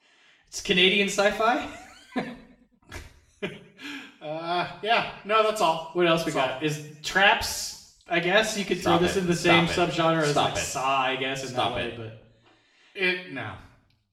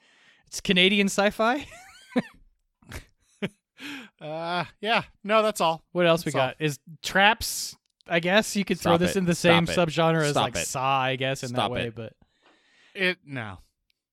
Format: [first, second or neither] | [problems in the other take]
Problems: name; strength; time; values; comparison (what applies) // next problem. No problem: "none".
second | room echo; slight; dies away in 0.7 s // off-mic speech; far